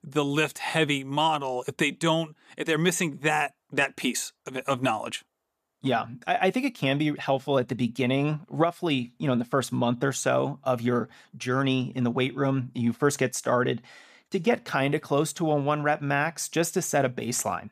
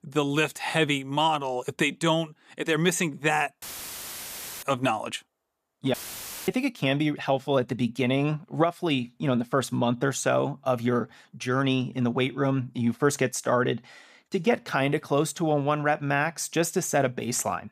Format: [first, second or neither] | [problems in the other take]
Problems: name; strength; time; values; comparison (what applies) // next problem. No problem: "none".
first | audio cutting out; filled with static; at 3.5 s for 1 s and at 6 s for 0.5 s